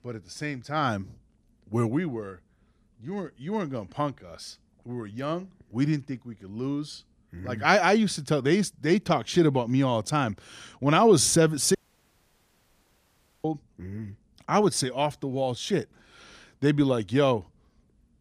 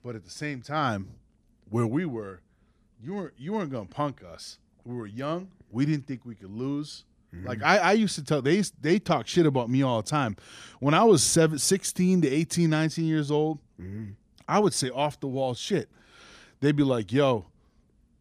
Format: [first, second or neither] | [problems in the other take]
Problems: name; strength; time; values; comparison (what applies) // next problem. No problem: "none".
second | audio cutting out; at 12 s for 1.5 s